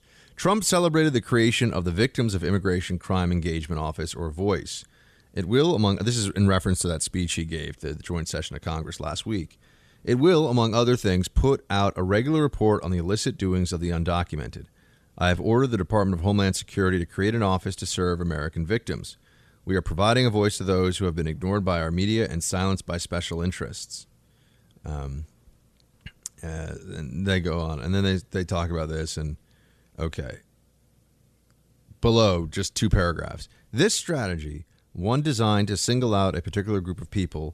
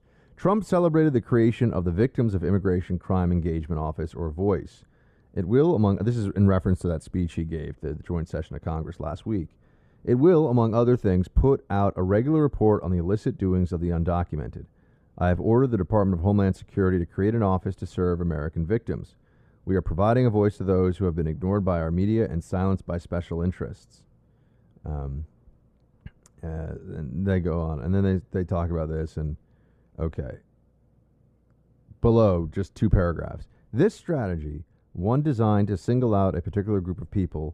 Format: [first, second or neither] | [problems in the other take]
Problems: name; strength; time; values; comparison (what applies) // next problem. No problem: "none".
first | muffled; very; fading above 2 kHz